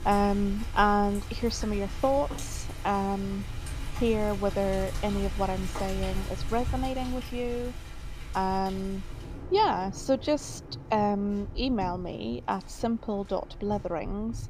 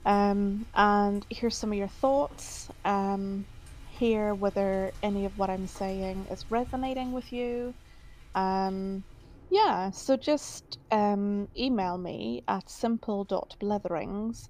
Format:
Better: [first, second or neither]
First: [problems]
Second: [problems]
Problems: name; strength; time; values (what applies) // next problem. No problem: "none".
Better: second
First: rain or running water; loud; throughout; 10 dB below the speech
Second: rain or running water; faint; throughout; 20 dB below the speech